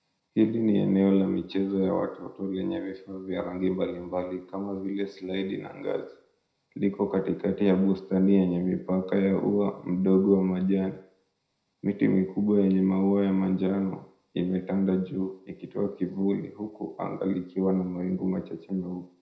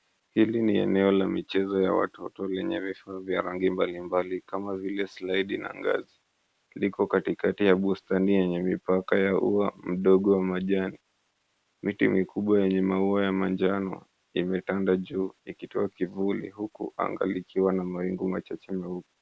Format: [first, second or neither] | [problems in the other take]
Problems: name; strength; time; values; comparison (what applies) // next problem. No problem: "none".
second | room echo; dies away in 0.5 s